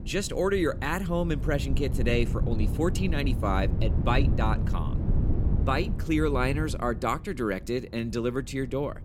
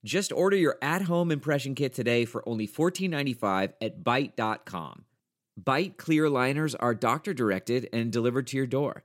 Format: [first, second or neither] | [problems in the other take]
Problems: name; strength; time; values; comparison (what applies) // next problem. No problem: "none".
second | wind noise on the microphone; occasional gusts; 10 dB below the speech